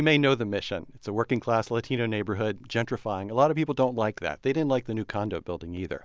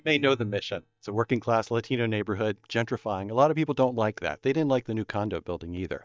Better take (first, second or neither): first